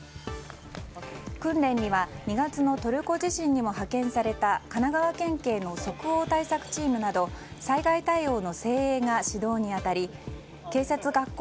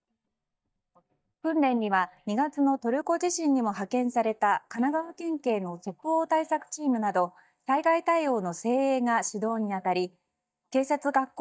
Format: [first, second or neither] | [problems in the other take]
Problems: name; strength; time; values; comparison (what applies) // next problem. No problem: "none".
first | noise reduction (neural mask model DeepFilterNet 3)